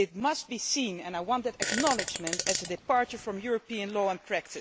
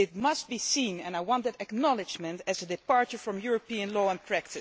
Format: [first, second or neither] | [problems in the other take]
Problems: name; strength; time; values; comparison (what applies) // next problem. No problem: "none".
second | background sound (Fart); 5 dB below the speech